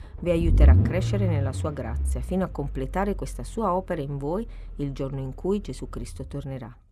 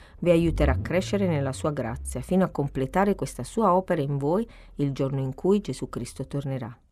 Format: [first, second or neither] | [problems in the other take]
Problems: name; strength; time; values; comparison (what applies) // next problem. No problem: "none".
second | low rumble; loud; throughout; 7 dB below the speech; faint in the second